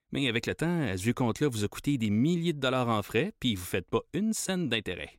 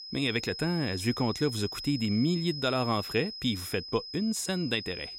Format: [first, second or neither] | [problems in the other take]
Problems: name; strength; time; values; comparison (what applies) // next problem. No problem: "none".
first | high-pitched whine; loud; throughout; 5 kHz, 8 dB below the speech